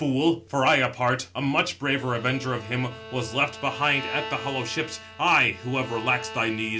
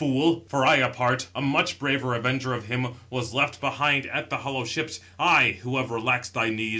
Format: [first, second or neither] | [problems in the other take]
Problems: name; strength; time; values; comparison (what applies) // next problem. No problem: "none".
second | background sound (Bowed string instrument); 14 dB below the speech